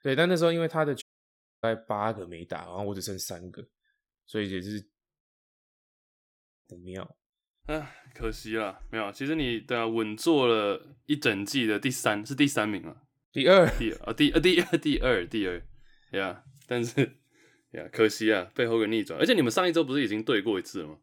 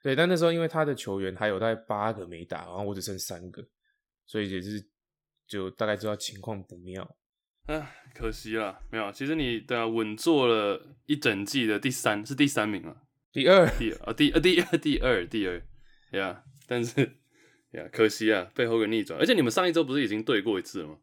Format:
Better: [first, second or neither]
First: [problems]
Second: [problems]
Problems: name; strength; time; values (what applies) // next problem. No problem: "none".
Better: second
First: audio cutting out; at 1 s for 0.5 s and at 5 s for 1.5 s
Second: none